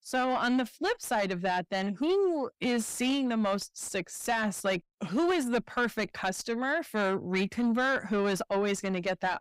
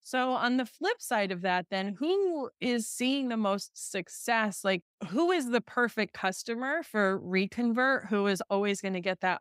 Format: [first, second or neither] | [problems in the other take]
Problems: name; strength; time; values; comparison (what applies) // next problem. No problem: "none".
second | distortion; slight; 9 dB below the speech